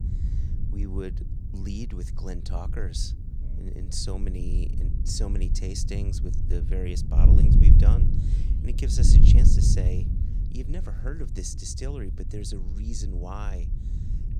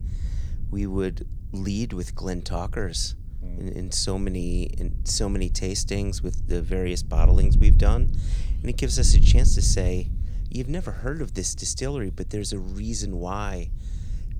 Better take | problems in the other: second | wind noise on the microphone; heavy; 3 dB below the speech; occasional gusts in the second

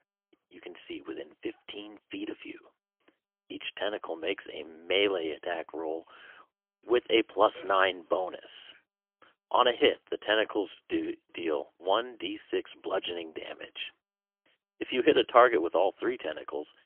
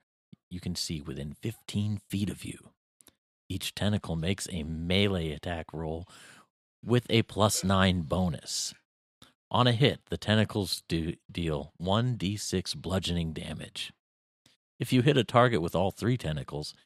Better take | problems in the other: second | phone-call audio; poor line; nothing above 3.5 kHz

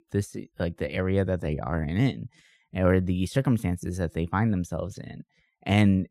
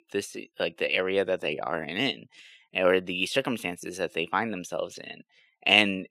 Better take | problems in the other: first | thin; somewhat; fading below 450 Hz

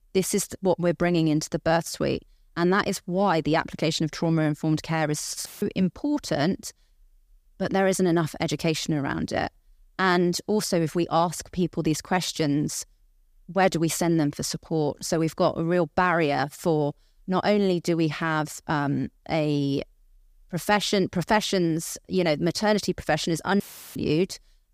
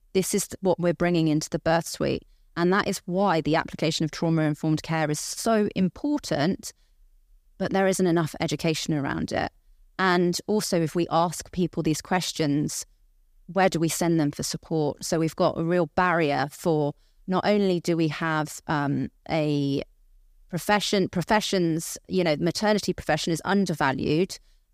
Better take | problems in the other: second | audio cutting out; filled with static; at 5.5 s and at 24 s

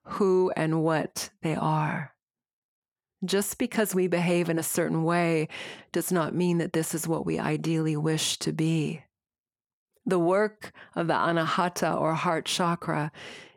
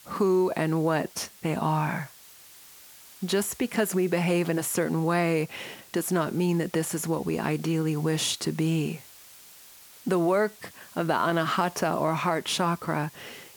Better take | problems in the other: first | hiss; faint; throughout; 20 dB below the speech

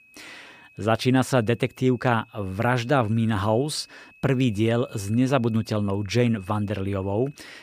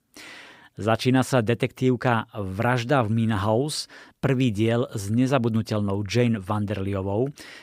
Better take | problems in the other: second | high-pitched whine; faint; throughout; 2.5 kHz, 30 dB below the speech

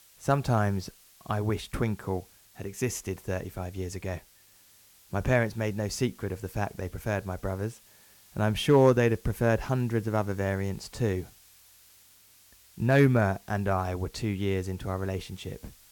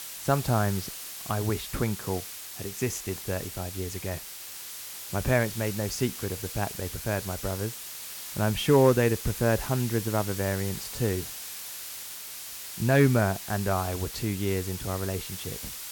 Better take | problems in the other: first | hiss; loud; throughout; 8 dB below the speech; faint in the first

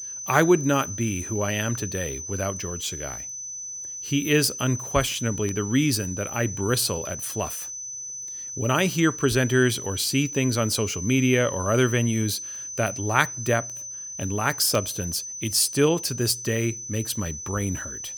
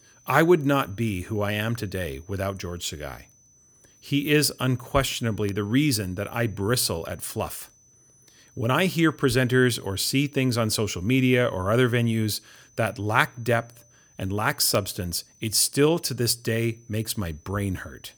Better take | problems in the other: second | high-pitched whine; loud; throughout; 6 kHz, 8 dB below the speech; faint in the second

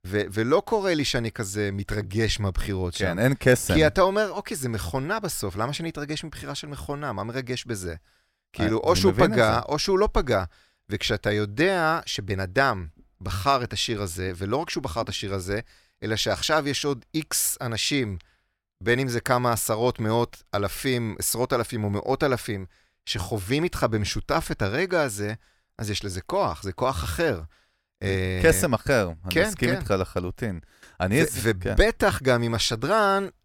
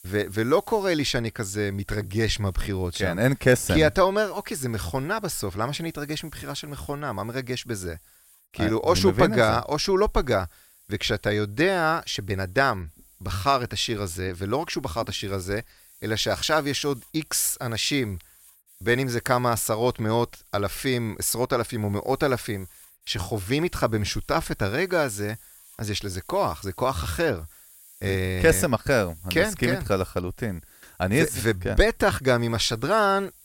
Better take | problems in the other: first | hiss; faint; throughout; 25 dB below the speech

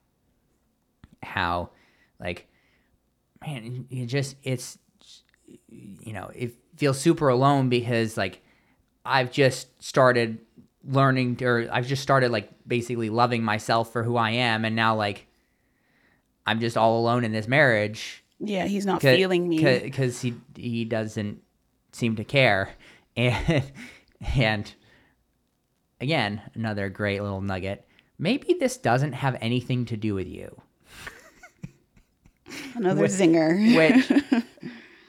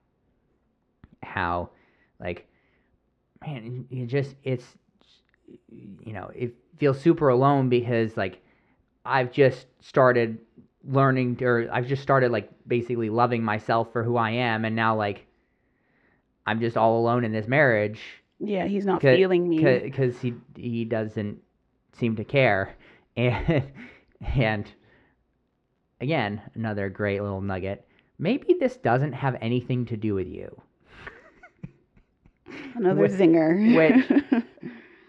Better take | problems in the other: first | muffled; slightly; fading above 2.5 kHz

